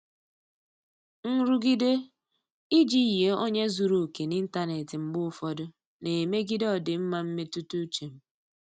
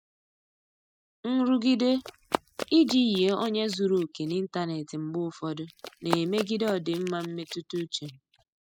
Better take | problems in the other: first | noise reduction (classical method spectral subtraction)

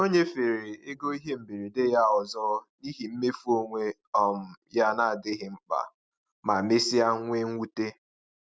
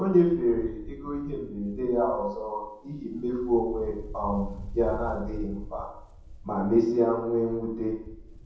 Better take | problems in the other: first | background sound (Wind); 13 dB below the speech // room echo; dies away in 0.9 s

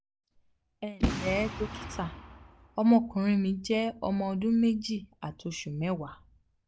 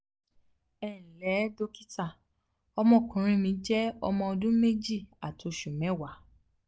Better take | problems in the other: second | background sound (Whoosh, swoosh, swish + Boom); 7 dB below the speech

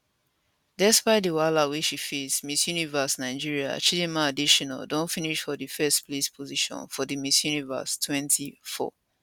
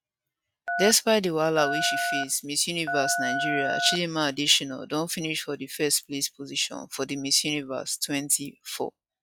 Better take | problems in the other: first | noise reduction (classical method log-MMSE)

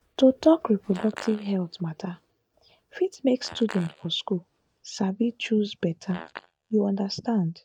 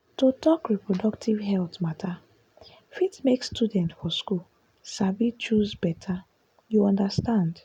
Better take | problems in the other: second | noise reduction (neural mask model DeepFilterNet 3)

